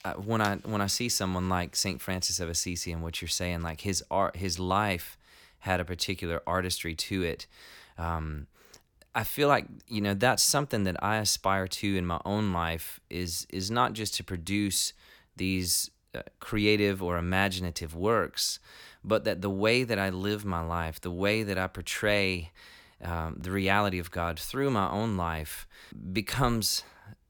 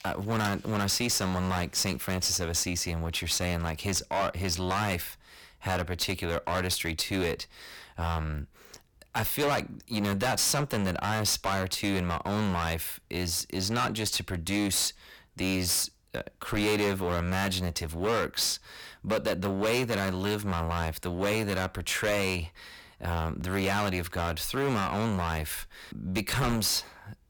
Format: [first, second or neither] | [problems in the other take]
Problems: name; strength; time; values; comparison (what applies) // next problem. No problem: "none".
first | distortion; heavy; 15% of the sound clipped